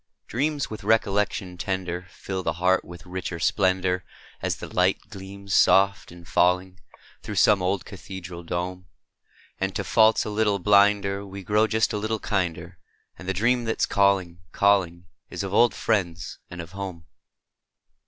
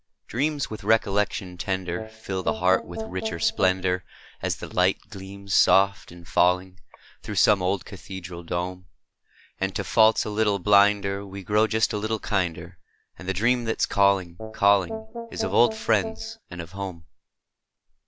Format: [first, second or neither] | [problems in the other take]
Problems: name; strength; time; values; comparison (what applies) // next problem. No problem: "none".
first | background sound (Brass instrument); 9 dB below the speech